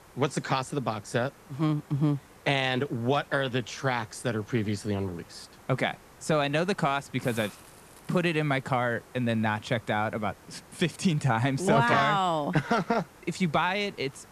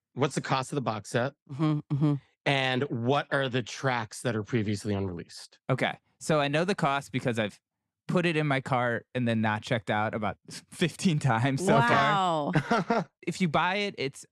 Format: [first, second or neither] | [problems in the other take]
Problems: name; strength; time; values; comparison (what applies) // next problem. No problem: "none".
second | hiss; faint; throughout; 25 dB below the speech